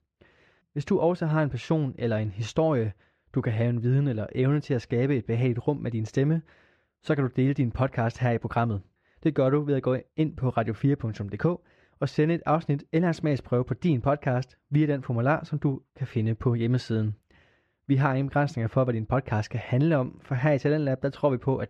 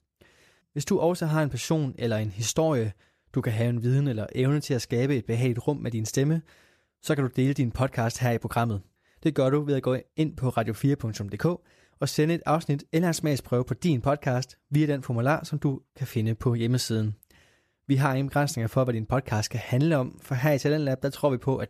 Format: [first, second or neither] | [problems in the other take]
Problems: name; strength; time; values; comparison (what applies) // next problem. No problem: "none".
second | muffled; slightly; fading above 2.5 kHz